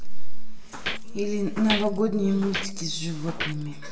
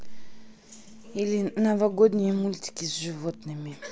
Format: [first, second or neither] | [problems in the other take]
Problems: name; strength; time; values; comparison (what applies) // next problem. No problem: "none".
second | background sound (Walk, footsteps); 13 dB below the speech // room echo; dies away in 1 s